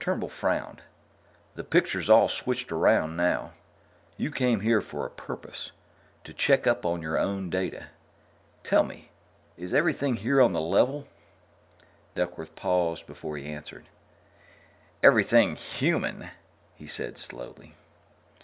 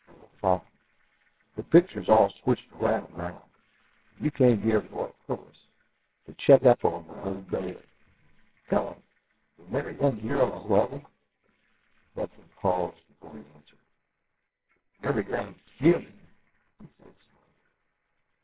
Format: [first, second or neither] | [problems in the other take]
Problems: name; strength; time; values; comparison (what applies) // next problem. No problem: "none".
first | noise reduction (neural separator model SepFormer WHAMR!)